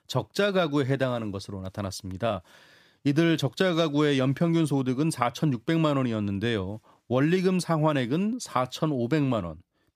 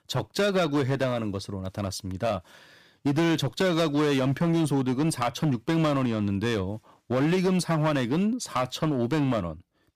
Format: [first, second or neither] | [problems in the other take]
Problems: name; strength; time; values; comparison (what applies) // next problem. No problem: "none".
first | distortion; slight; 11% of the sound clipped